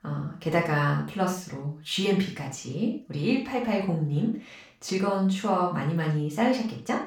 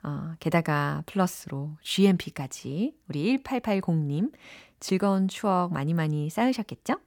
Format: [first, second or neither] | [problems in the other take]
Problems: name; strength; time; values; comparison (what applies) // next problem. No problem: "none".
second | room echo; noticeable; dies away in 0.3 s // off-mic speech; far